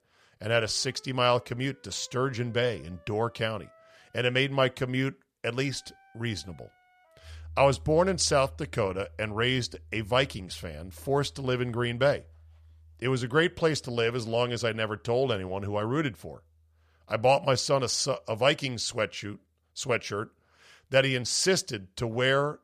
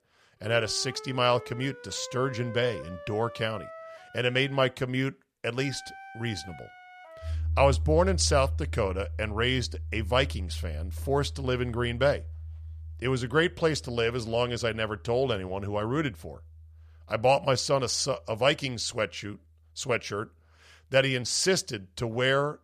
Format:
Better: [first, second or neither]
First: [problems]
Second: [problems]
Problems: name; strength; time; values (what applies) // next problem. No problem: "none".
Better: first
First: background music; faint; throughout; 25 dB below the speech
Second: background music; loud; throughout; 10 dB below the speech